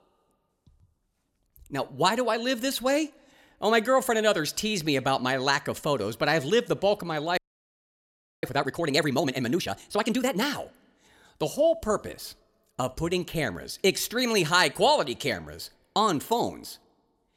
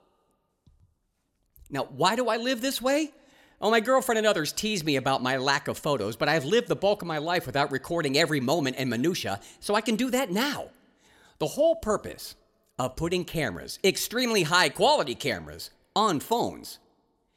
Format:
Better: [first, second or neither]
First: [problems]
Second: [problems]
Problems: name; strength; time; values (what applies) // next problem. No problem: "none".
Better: second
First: audio freezing; at 7.5 s for 1 s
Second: none